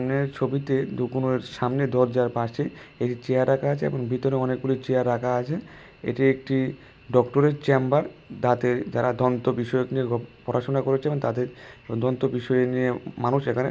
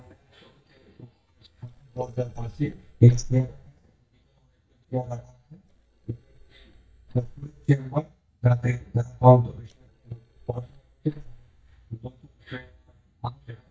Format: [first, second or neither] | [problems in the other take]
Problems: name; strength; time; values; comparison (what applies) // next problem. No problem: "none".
first | noise reduction (neural mask model DeepFilterNet 3)